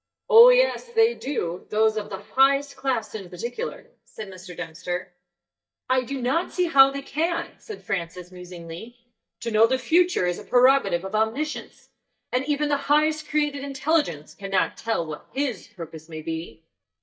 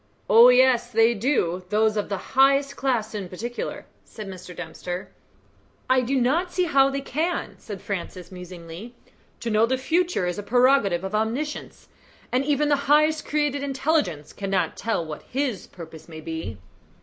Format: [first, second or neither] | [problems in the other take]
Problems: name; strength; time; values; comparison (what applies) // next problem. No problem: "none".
second | noise reduction (neural mask model DeepFilterNet 3)